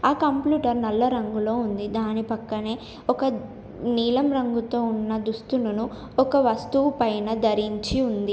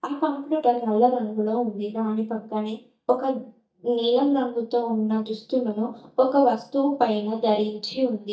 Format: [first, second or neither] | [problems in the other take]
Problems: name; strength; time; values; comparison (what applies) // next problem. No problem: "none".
first | noise reduction (neural mask model DeepFilterNet 3)